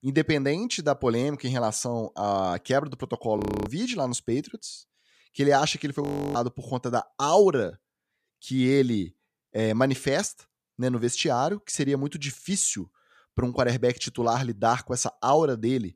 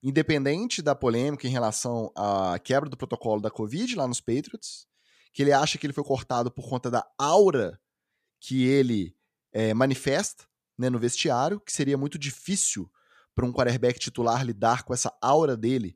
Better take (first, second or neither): second